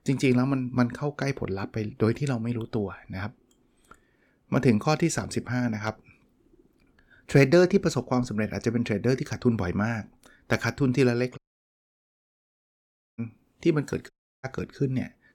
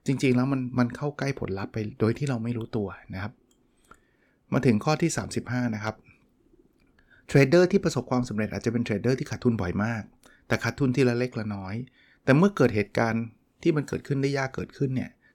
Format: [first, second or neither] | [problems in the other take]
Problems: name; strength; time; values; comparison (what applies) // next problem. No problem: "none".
second | audio cutting out; at 11 s for 2 s and at 14 s